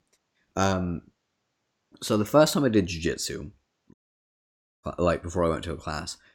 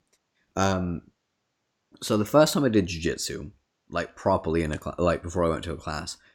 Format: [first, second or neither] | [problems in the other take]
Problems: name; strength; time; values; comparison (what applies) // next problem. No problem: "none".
second | audio cutting out; at 4 s for 1 s